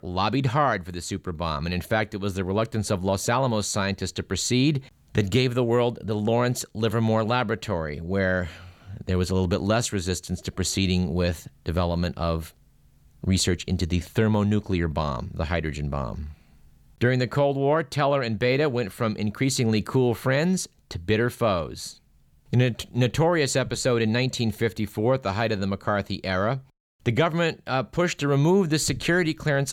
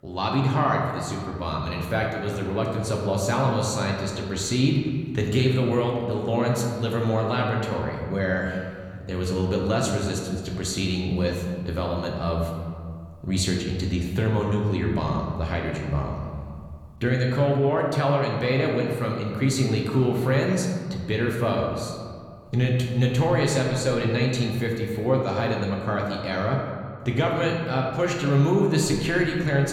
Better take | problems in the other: first | room echo; noticeable; dies away in 1.8 s // off-mic speech; somewhat distant

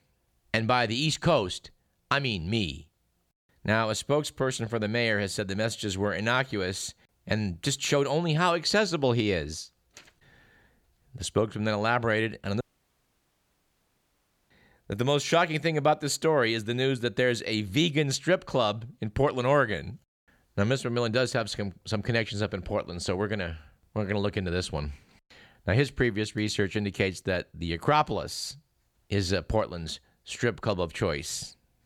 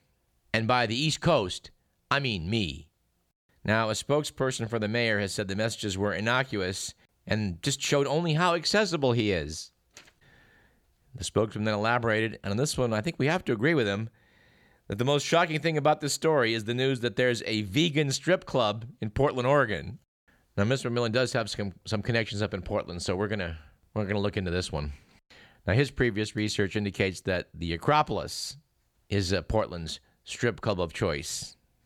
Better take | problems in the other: second | audio cutting out; at 13 s for 2 s

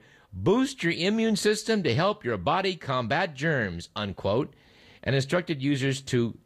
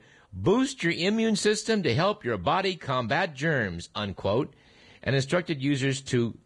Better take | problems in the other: first | garbled, watery; badly; slightly in the first

